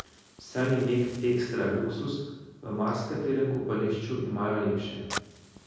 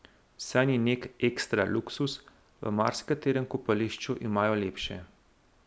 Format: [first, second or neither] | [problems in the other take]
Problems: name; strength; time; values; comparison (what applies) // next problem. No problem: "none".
second | background sound (Fire); 17 dB below the speech // room echo; dies away in 1.3 s